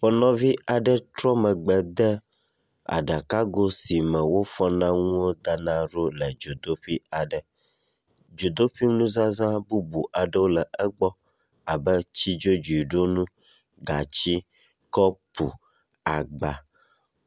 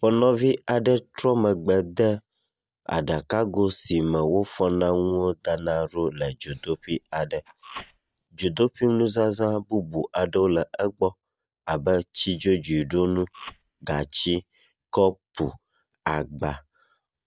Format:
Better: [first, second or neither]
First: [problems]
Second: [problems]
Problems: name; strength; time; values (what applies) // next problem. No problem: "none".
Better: first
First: none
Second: noise reduction (neural mask model DeepFilterNet 3)